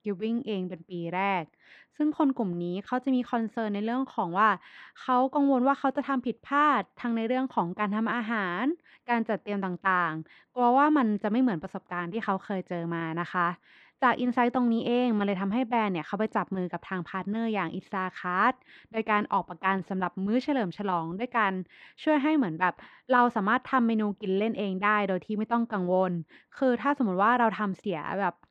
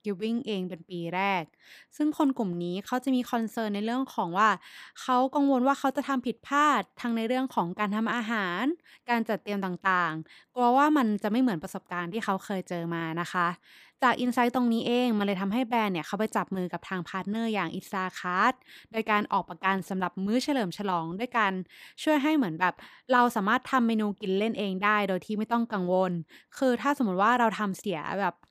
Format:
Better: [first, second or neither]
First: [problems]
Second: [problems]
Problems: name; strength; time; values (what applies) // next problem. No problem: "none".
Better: second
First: muffled; slightly; fading above 2.5 kHz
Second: none